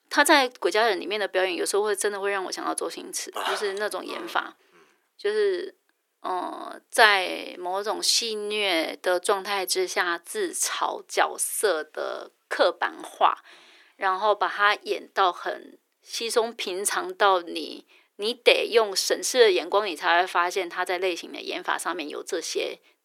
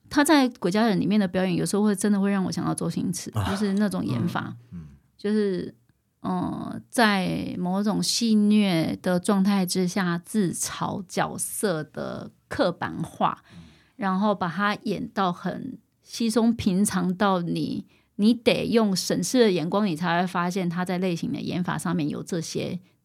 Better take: second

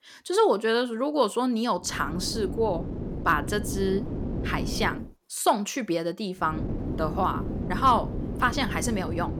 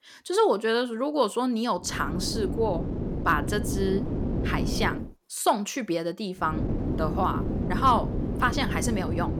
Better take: first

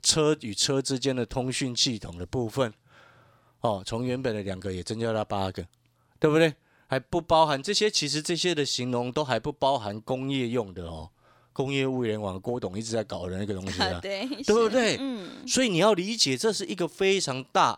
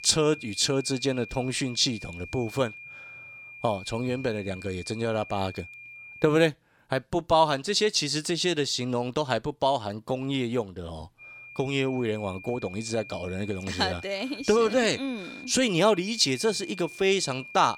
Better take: first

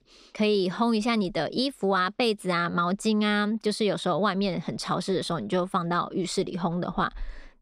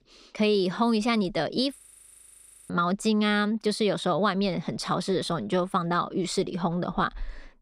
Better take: first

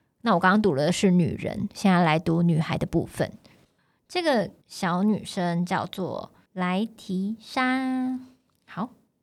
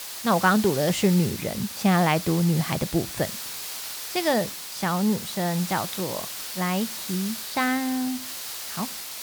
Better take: first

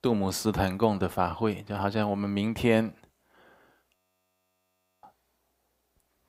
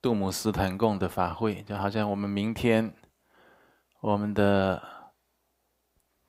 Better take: second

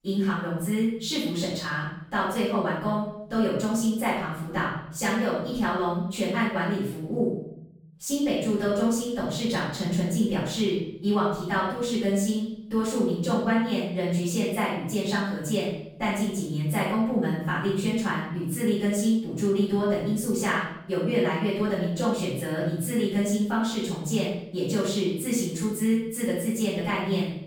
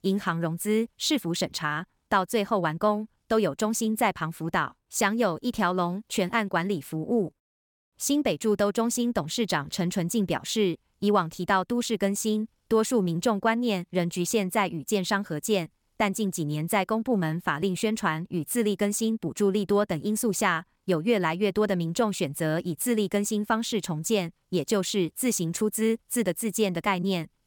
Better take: second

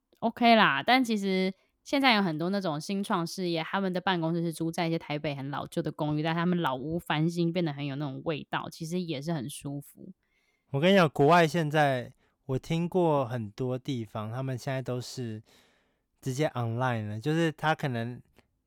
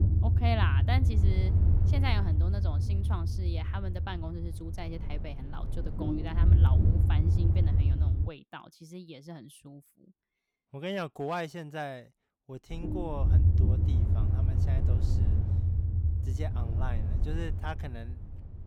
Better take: first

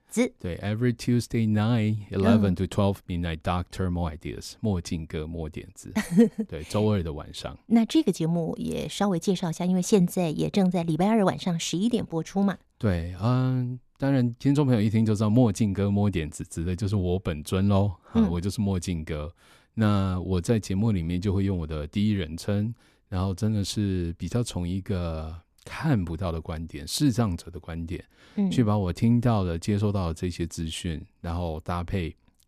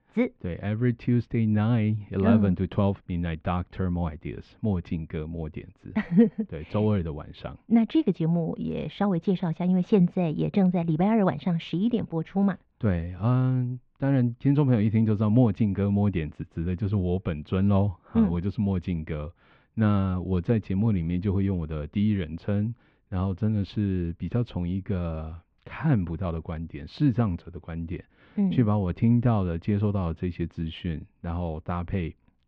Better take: first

